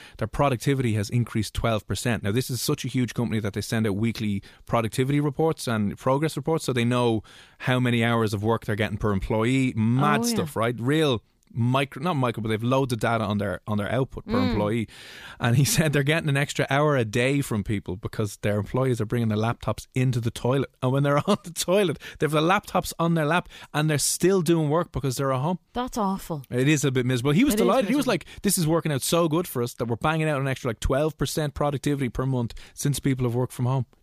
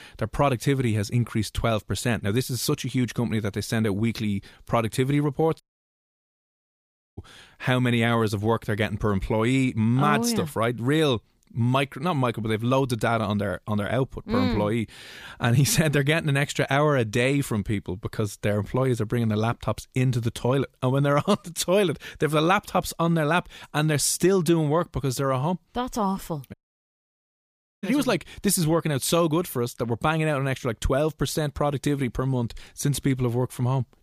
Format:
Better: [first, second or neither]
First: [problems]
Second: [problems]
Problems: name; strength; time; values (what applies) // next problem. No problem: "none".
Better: first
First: none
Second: audio cutting out; at 5.5 s for 1.5 s and at 27 s for 1.5 s